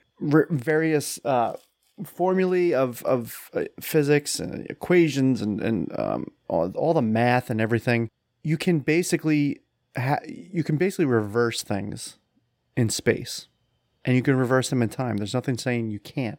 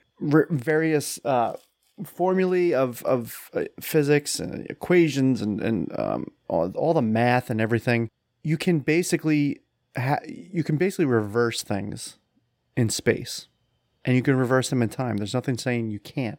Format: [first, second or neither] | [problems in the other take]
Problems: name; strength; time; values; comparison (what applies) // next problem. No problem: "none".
neither | none